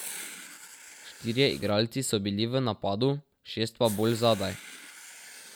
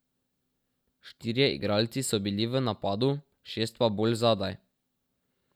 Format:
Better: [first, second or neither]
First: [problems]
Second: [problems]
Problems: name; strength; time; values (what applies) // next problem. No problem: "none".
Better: second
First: background sound (Writing); 16 dB below the speech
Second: none